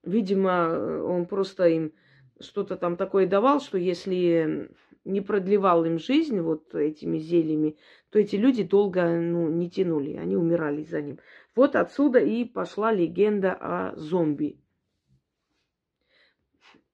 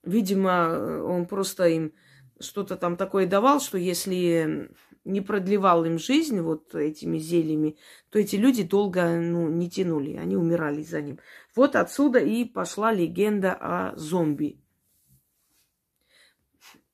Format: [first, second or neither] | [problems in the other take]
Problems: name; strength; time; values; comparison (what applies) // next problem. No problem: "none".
second | muffled; slightly; fading above 4 kHz